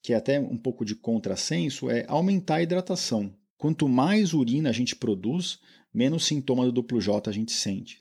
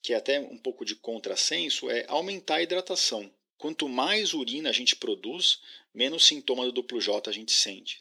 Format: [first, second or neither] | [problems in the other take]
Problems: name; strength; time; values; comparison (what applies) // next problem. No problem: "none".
first | thin; somewhat; fading below 350 Hz